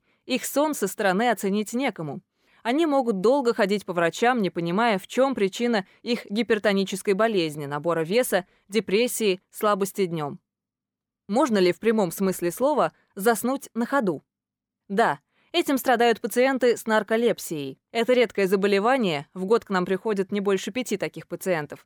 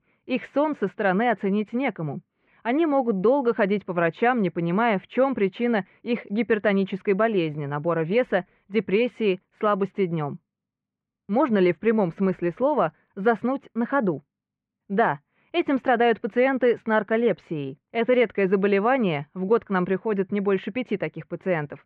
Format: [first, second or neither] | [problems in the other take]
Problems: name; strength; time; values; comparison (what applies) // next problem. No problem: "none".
first | muffled; very; fading above 2.5 kHz